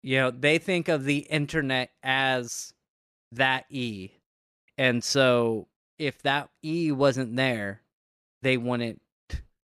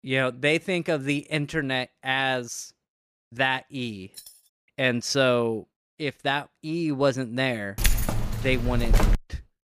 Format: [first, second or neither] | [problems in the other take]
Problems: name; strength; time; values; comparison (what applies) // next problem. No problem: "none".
first | jangling keys; faint; at 4 s; peak 20 dB below the speech // jangling keys; loud; from 8 to 9 s; peak 2 dB above the speech